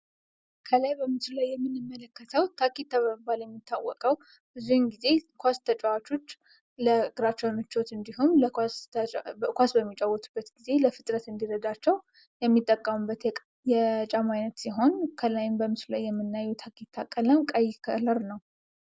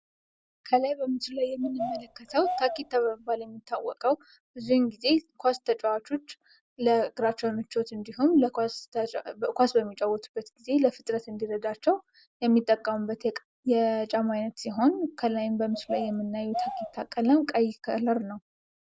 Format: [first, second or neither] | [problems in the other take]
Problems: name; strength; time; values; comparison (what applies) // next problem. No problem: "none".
first | background sound (Bird vocalization, bird call, bird song); 9 dB below the speech